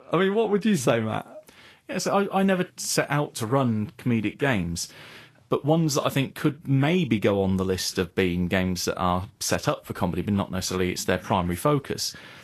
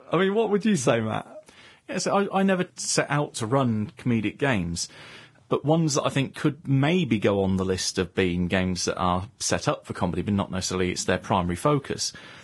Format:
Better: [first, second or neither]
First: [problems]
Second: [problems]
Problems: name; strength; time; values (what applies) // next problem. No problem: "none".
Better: first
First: garbled, watery; slightly; nothing above 13 kHz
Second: garbled, watery; badly; nothing above 11 kHz